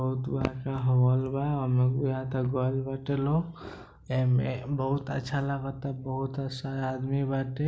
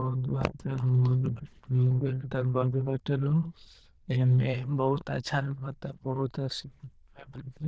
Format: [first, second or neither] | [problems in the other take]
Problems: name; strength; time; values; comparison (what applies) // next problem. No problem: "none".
first | noise reduction (neural diffusion model UNIVERSE++)